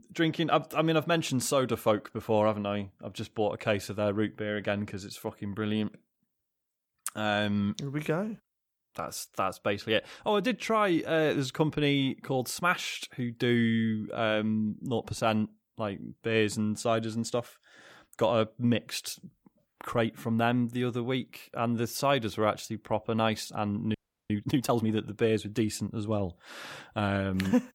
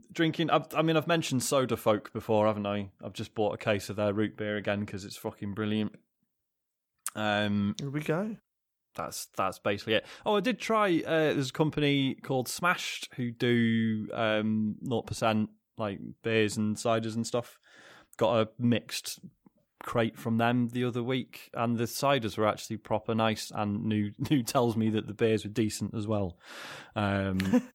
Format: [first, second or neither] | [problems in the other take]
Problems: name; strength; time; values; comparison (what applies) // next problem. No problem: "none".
second | audio freezing; at 24 s